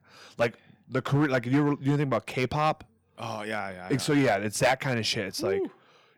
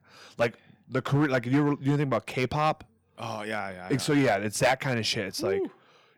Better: neither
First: distortion; slight; 3% of the sound clipped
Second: distortion; slight; 3% of the sound clipped

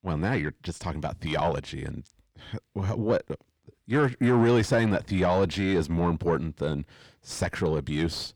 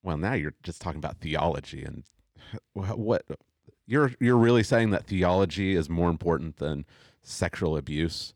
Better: second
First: distortion; slight; 9 dB below the speech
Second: none

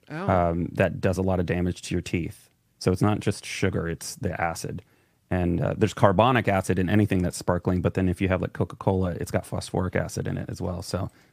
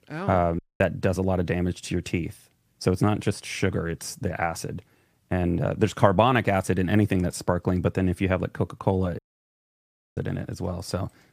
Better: first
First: none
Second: audio cutting out; at 0.5 s and at 9 s for 1 s

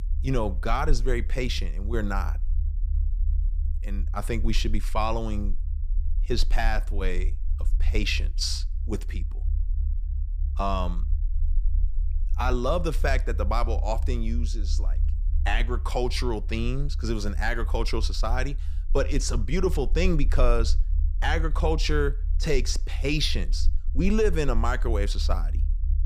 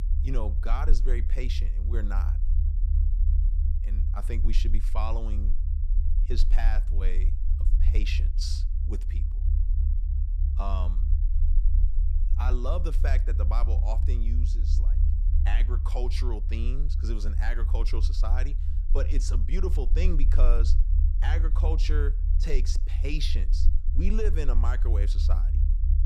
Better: first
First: low rumble; faint; throughout; 20 dB below the speech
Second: low rumble; loud; throughout; 9 dB below the speech

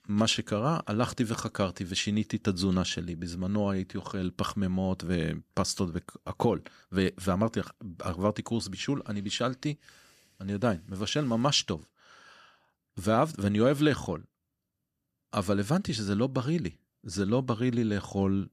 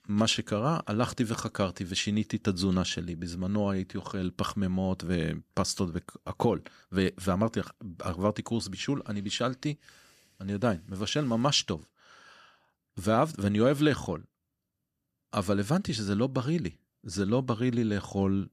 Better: neither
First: none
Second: none

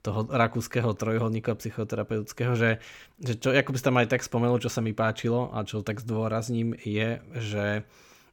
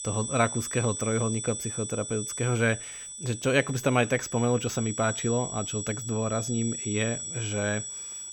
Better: first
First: none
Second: high-pitched whine; loud; throughout; 8 kHz, 6 dB below the speech

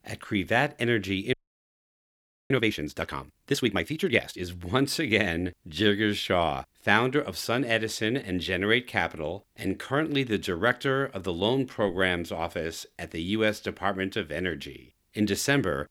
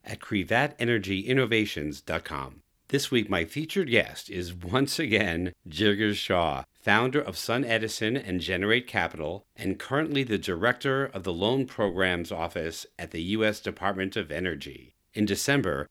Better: second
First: audio freezing; at 1.5 s for 1 s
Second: none

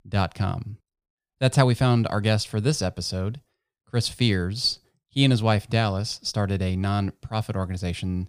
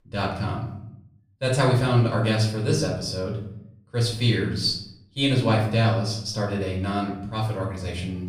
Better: first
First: none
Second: off-mic speech; far // room echo; slight; dies away in 0.6 s

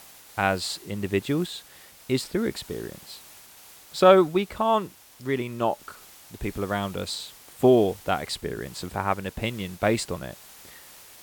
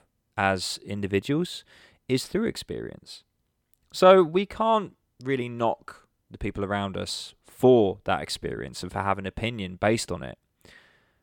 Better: second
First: hiss; faint; throughout; 20 dB below the speech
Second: none

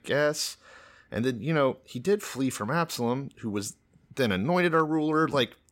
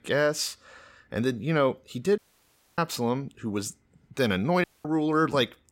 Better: first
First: none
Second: audio cutting out; at 2 s for 0.5 s and at 4.5 s

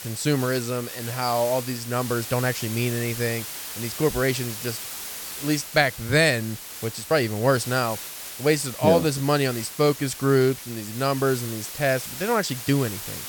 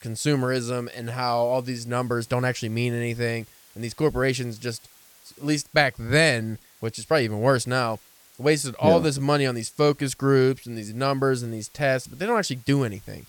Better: second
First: hiss; loud; throughout; 9 dB below the speech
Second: hiss; faint; throughout; 25 dB below the speech

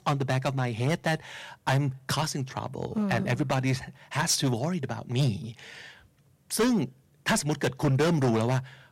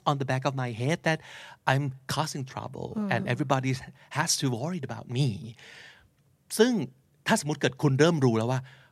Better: second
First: distortion; heavy; 6% of the sound clipped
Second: none

